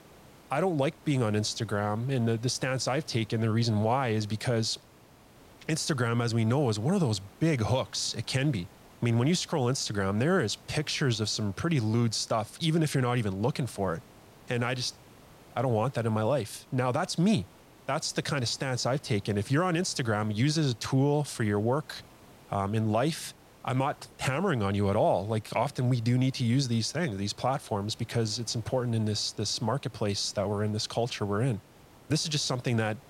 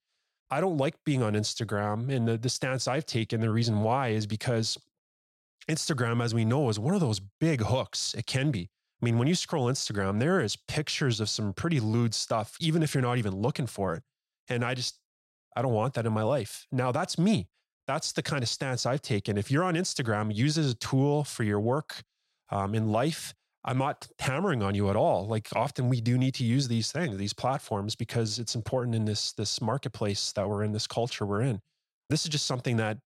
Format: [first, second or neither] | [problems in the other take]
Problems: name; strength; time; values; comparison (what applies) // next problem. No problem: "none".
second | hiss; faint; throughout; 25 dB below the speech